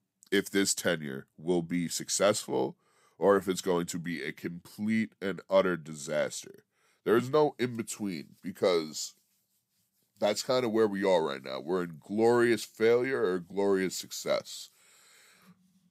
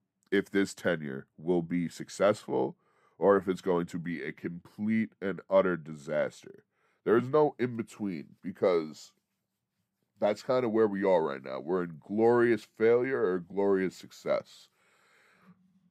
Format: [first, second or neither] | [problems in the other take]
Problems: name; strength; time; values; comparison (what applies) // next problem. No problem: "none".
first | muffled; slightly; fading above 3 kHz